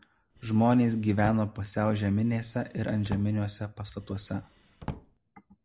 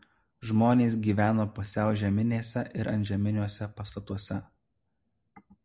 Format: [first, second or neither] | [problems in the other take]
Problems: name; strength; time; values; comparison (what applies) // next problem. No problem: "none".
second | background sound (Drawer open or close); 15 dB below the speech